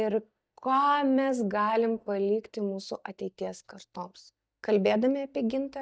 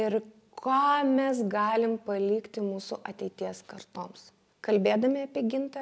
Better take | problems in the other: second | noise reduction (neural mask model DeepFilterNet 3)

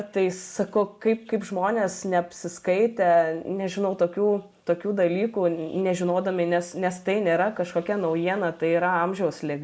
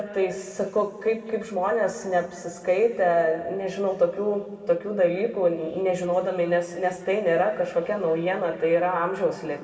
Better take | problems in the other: first | room echo; dies away in 1.9 s

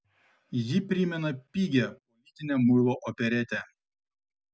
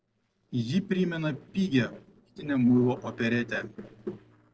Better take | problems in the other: first | noise reduction (neural separator model SepFormer DNS4)

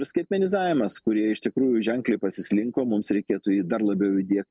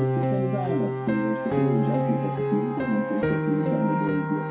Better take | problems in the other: first | background sound (Piano); 2 dB above the speech // room echo; dies away in 0.5 s

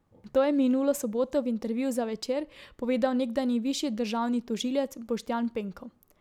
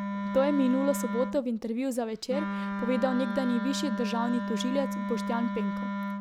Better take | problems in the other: first | background sound (Wind instrument, woodwind instrument); 3 dB below the speech

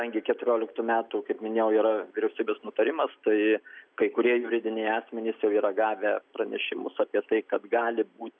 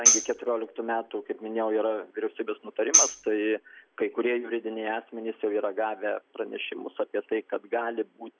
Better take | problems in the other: first | background sound (Tambourine); 4 dB above the speech

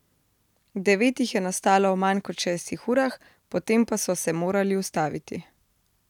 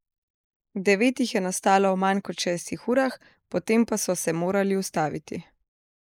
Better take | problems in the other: first | noise reduction (neural mask model Resemble Enhance denoiser)

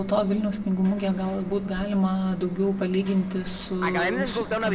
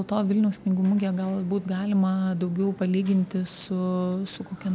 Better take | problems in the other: second | background sound (Fixed-wing aircraft, airplane); 8 dB below the speech // room echo; dies away in 0.6 s

